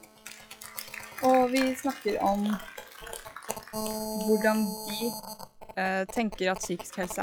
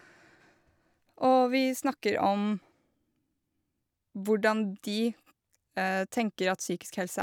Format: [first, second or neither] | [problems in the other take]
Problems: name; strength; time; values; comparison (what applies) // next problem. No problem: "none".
second | noise reduction (classical method log-MMSE)